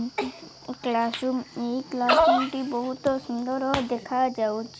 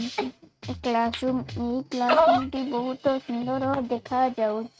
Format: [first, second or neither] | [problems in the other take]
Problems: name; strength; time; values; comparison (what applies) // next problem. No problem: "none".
first | noise reduction (neural mask model RNNoise)